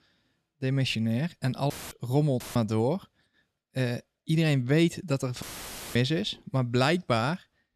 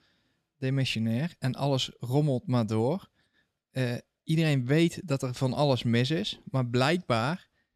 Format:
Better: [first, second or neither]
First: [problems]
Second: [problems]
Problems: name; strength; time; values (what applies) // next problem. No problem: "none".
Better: second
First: audio cutting out; filled with static; at 1.5 s, at 2.5 s and at 5.5 s for 0.5 s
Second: none